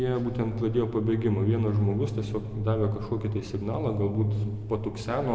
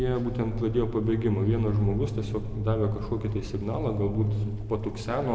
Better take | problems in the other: first | background sound (Livestock, farm animals, working animals); 12 dB below the speech

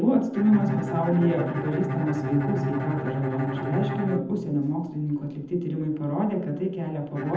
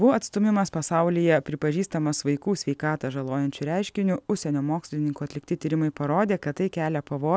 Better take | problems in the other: second | background sound (Bowed string instrument); 6 dB below the speech // room echo; dies away in 0.8 s

